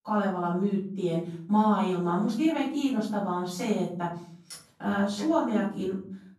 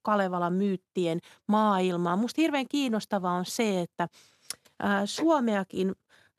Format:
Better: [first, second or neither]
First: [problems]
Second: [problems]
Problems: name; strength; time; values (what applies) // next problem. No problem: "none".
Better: second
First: room echo; noticeable; dies away in 0.6 s // off-mic speech; far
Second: none